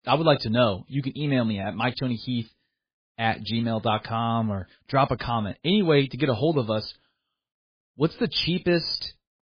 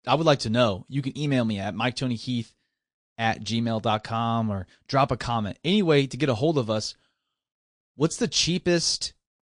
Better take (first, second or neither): second